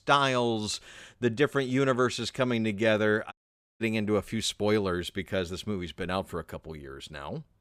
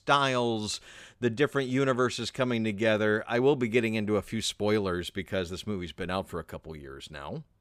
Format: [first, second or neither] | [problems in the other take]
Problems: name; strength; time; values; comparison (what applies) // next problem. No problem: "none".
second | audio cutting out; at 3.5 s